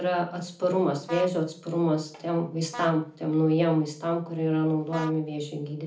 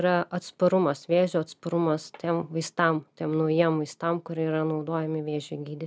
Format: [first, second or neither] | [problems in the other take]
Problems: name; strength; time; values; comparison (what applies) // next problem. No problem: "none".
second | background sound (Vehicle horn, car horn, honking); 17 dB below the speech // room echo; dies away in 0.4 s